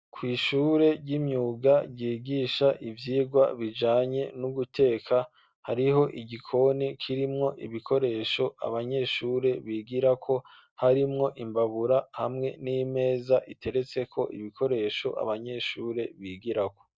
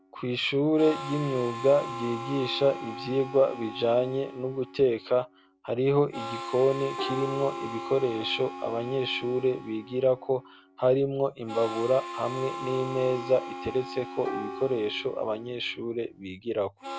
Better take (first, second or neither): first